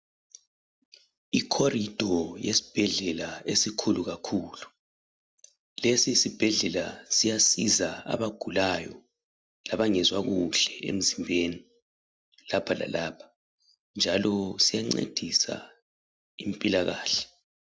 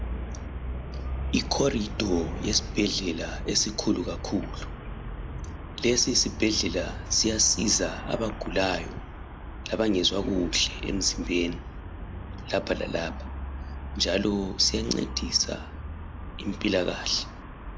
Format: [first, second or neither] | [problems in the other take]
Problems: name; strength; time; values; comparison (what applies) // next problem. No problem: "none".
first | background sound (Traffic noise, roadway noise); 7 dB below the speech